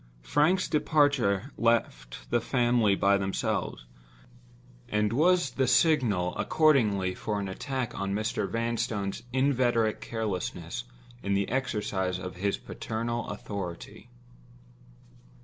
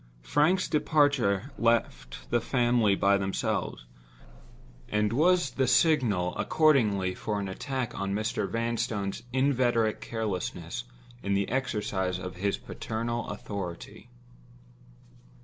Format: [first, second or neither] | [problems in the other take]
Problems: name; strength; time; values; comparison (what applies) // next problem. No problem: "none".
first | background sound (Bus / Engine); 19 dB below the speech